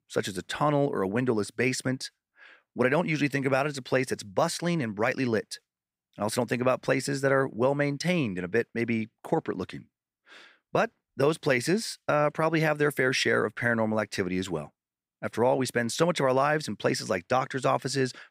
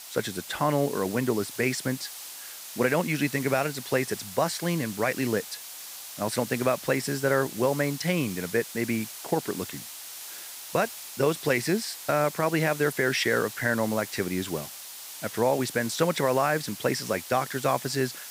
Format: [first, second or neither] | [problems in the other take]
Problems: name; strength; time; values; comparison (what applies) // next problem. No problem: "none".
first | hiss; noticeable; throughout; 10 dB below the speech